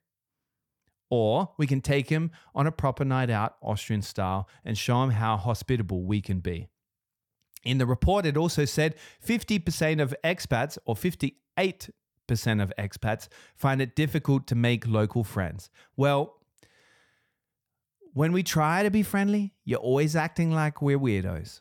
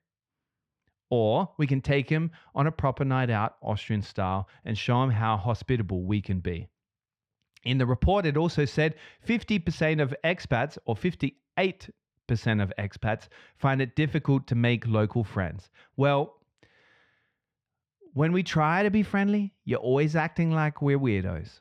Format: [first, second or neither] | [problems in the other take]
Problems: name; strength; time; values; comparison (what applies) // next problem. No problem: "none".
first | muffled; slightly; fading above 3 kHz